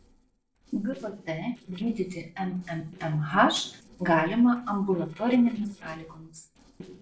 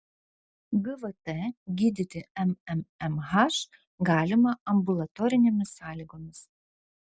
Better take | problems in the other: second | noise reduction (neural separator model SepFormer DNS4)

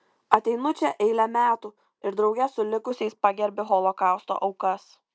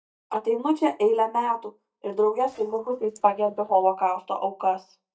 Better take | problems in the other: first | noise reduction (neural mask model DeepFilterNet 3)

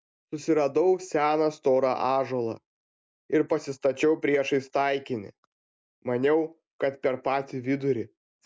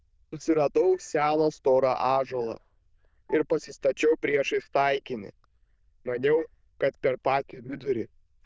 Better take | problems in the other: first | noise reduction (neural diffusion model UNIVERSE++)

